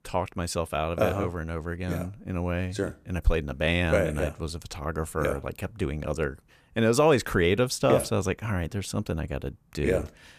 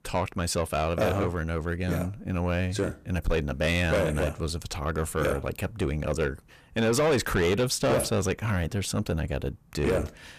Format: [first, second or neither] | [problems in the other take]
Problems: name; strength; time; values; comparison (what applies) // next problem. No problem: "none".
first | distortion; heavy; 8 dB below the speech